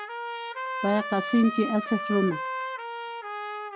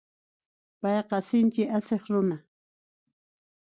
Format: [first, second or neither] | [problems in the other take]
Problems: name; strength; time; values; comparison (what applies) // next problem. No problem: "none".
second | background sound (Trumpet); 5 dB below the speech